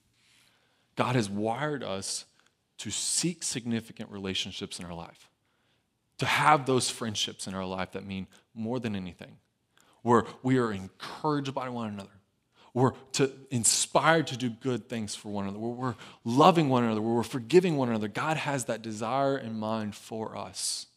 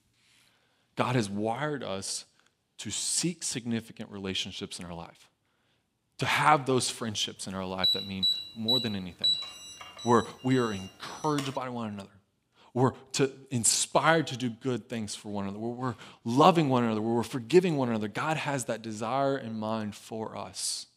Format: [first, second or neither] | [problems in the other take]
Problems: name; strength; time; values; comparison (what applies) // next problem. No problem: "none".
first | alarm; loud; from 8 to 11 s; peak 3 dB above the speech